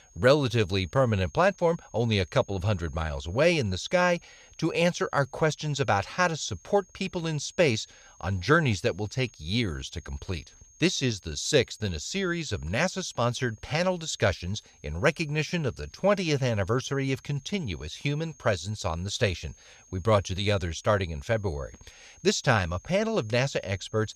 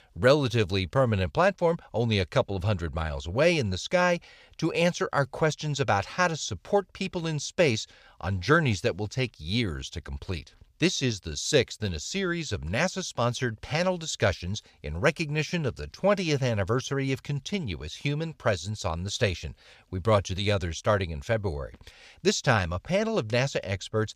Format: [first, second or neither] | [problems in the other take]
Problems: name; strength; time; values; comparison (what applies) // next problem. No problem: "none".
second | high-pitched whine; faint; throughout; 6.5 kHz, 25 dB below the speech